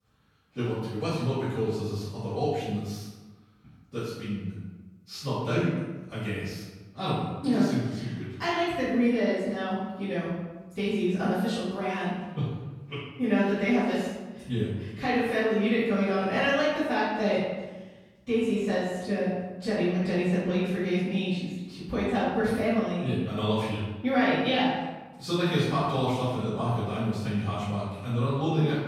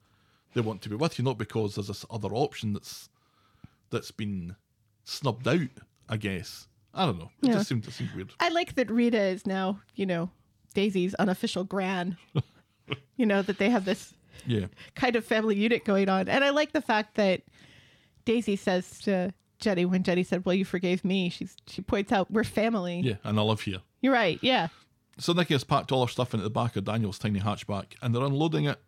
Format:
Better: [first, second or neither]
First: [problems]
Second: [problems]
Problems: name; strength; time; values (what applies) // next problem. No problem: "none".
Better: second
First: off-mic speech; far // room echo; strong; dies away in 1 s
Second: none